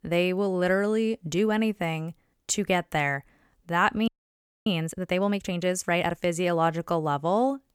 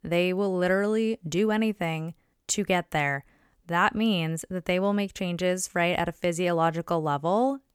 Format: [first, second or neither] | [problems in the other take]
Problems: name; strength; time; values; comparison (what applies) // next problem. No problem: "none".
second | audio freezing; at 4 s for 0.5 s